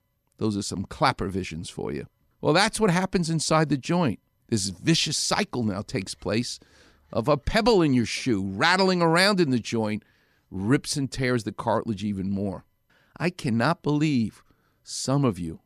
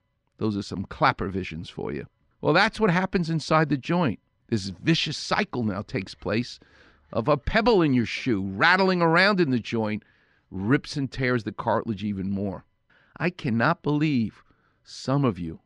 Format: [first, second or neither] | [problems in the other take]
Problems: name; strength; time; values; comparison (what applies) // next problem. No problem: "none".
first | muffled; very slightly; fading above 3 kHz